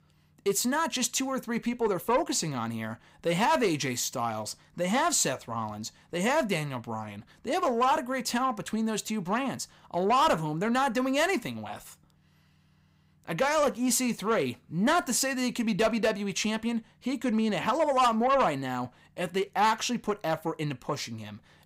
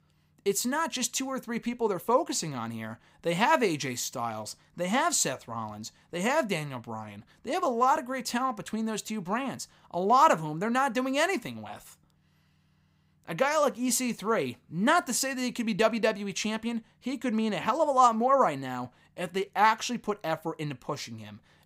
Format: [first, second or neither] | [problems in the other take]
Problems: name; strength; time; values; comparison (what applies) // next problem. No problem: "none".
second | distortion; slight; 10 dB below the speech